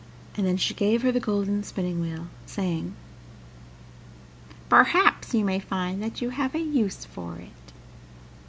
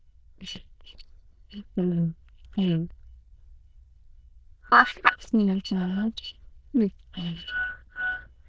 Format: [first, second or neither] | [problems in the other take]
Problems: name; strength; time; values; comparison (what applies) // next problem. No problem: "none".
first | noise reduction (neural diffusion model UNIVERSE++)